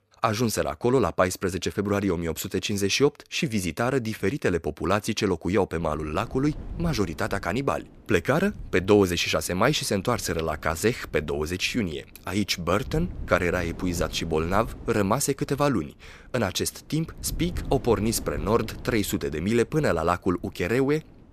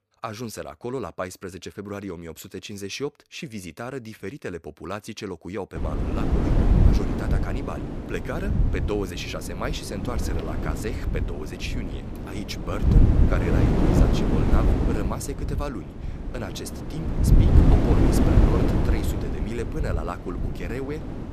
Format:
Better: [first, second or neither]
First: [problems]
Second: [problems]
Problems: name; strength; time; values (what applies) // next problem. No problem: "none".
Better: first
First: wind noise on the microphone; occasional gusts; from 6 s on; 25 dB below the speech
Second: wind noise on the microphone; heavy; from 6 s on; 2 dB above the speech